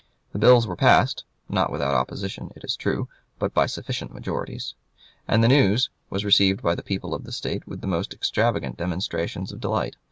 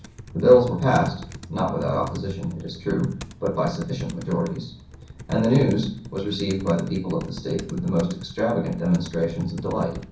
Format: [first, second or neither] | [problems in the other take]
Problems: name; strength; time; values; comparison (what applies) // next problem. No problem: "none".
first | background sound (Computer keyboard); 15 dB below the speech // room echo; dies away in 0.6 s